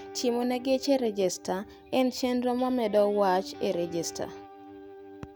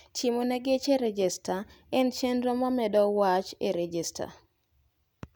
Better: second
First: background sound (Guitar); 17 dB below the speech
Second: none

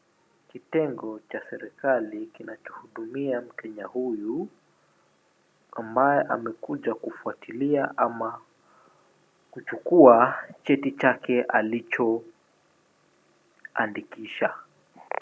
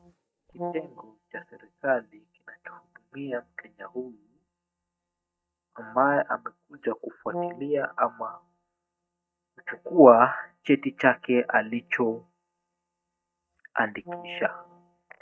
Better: first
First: none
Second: noise reduction (neural mask model DeepFilterNet 3)

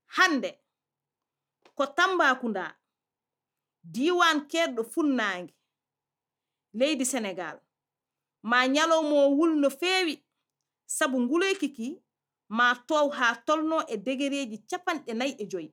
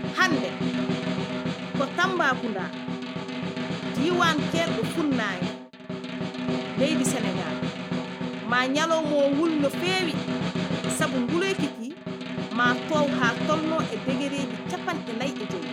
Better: first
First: none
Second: background sound (Snare drum); 1 dB below the speech

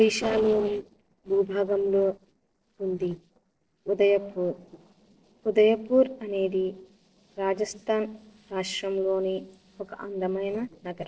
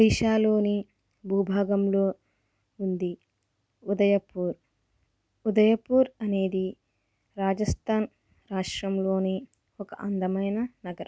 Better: second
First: noise reduction (neural separator model SepFormer DNS4)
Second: none

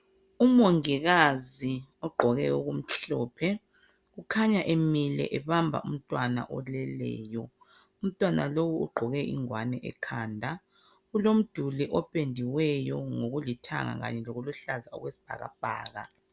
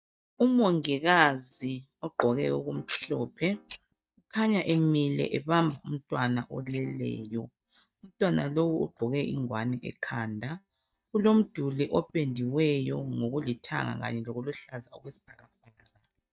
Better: first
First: none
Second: noise reduction (neural mask model DeepFilterNet 3)

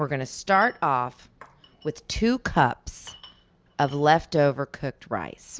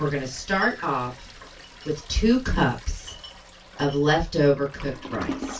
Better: first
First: none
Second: background sound (Toilet flush); 15 dB below the speech // room echo; dies away in 0.2 s

